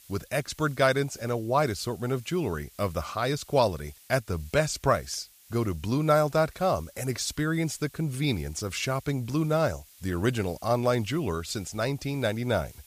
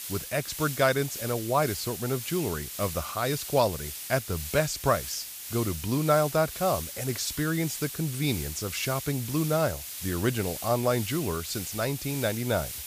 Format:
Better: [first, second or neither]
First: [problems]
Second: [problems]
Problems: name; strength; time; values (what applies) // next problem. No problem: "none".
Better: first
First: hiss; faint; throughout; 25 dB below the speech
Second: hiss; loud; throughout; 7 dB below the speech